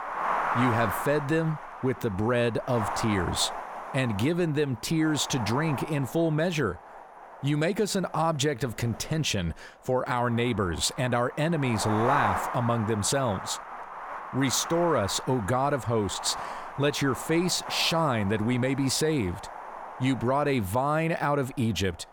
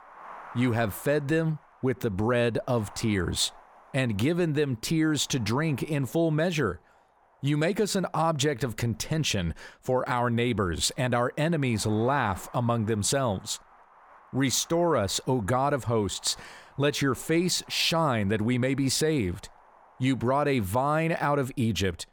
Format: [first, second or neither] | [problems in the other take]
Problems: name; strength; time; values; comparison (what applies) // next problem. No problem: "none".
second | wind noise on the microphone; heavy; 5 dB below the speech; occasional gusts in the second